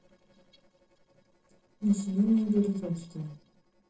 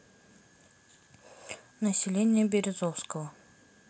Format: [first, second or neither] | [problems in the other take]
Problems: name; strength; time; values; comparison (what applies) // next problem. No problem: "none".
second | noise reduction (neural separator model SepFormer DNS4)